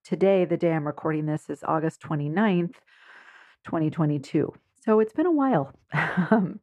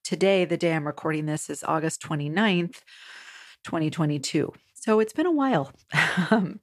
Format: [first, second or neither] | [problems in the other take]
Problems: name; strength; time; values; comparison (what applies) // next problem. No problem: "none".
second | muffled; very; fading above 2.5 kHz